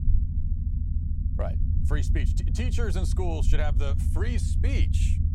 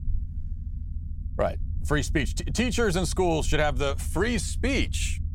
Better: second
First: low rumble; loud; throughout; 7 dB below the speech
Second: low rumble; faint; throughout; 25 dB below the speech

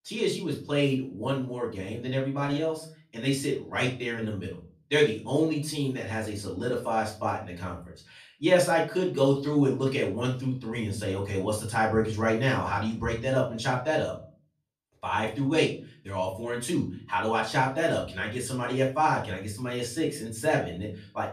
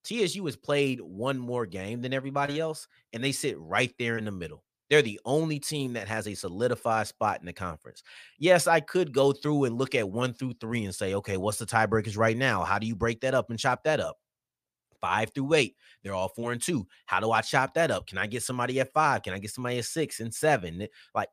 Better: second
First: off-mic speech; far // room echo; slight; dies away in 0.4 s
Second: none

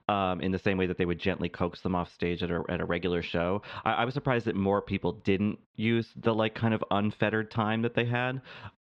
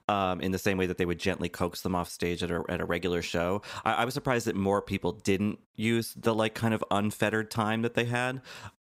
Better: second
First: muffled; slightly; fading above 3.5 kHz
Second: none

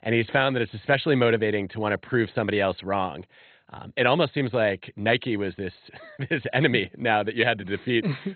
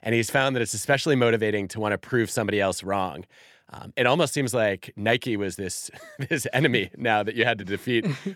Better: second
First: garbled, watery; badly; nothing above 4 kHz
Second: none

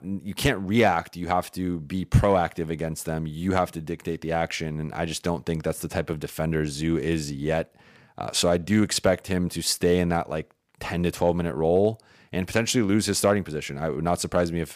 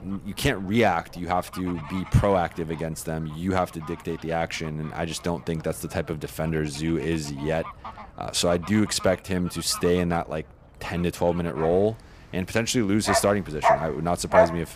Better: first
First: none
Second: animal sounds; loud; throughout; 3 dB below the speech

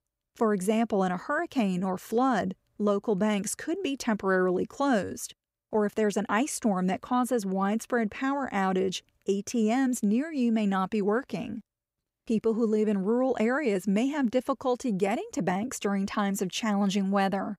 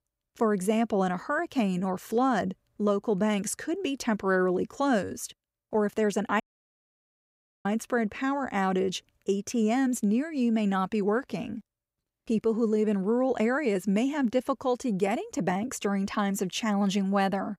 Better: first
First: none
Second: audio cutting out; at 6.5 s for 1.5 s

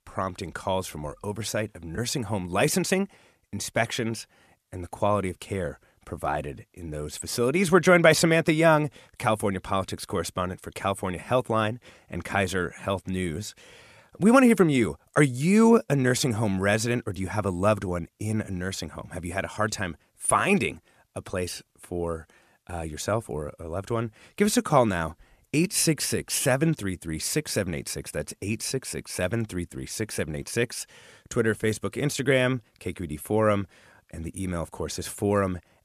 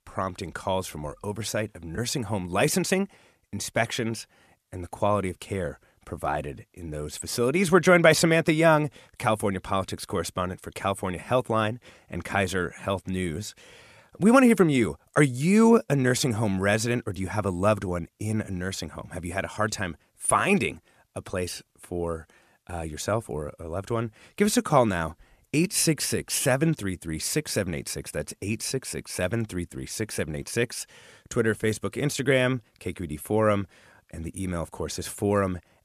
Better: neither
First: none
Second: none

